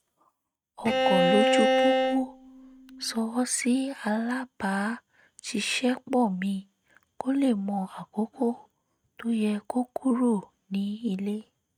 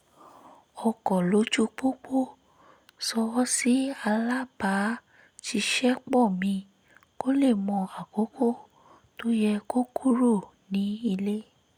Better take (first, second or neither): second